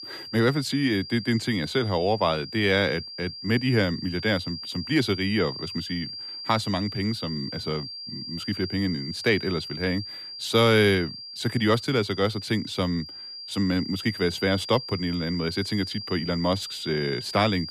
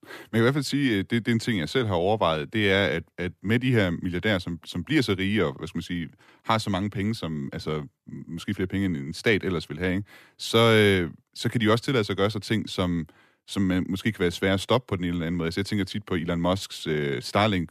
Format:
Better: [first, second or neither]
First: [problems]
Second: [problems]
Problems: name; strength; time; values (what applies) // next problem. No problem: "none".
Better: second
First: high-pitched whine; loud; throughout; 4.5 kHz, 9 dB below the speech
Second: none